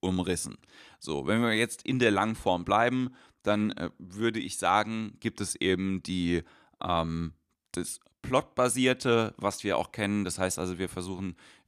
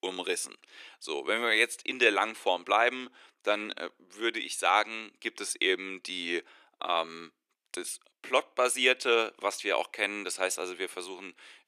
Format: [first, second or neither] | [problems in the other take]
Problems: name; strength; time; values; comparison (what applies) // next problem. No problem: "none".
first | thin; very; fading below 400 Hz